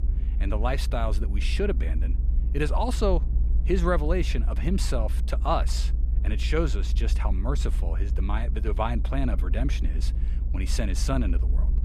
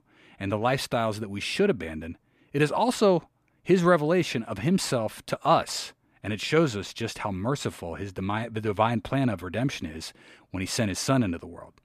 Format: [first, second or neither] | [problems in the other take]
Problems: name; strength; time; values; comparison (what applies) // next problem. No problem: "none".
second | low rumble; noticeable; throughout; 15 dB below the speech